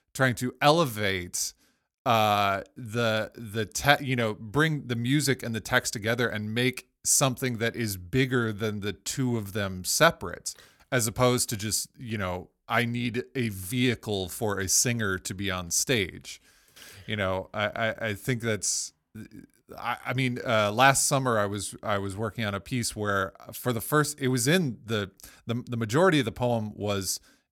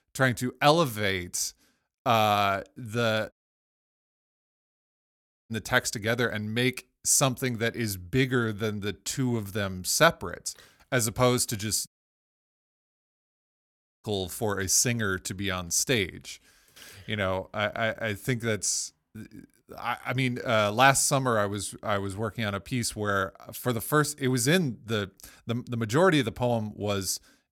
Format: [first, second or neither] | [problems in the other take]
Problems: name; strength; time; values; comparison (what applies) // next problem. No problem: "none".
first | audio cutting out; at 3.5 s for 2 s and at 12 s for 2 s